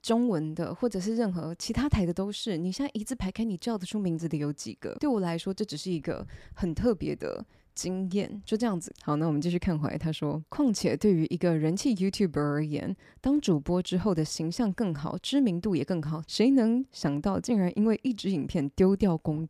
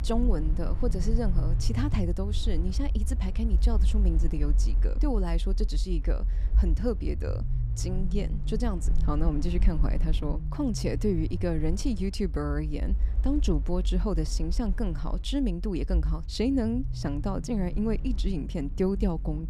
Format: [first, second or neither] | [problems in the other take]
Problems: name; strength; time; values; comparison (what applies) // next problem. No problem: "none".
first | low rumble; noticeable; throughout; 15 dB below the speech